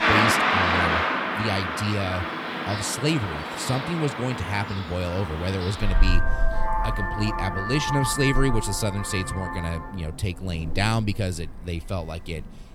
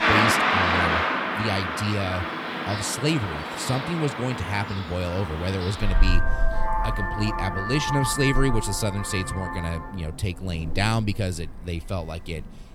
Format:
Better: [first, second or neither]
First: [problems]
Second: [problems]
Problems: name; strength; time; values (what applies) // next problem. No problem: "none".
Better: neither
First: traffic noise; very loud; throughout; 1 dB above the speech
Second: traffic noise; very loud; throughout; 1 dB above the speech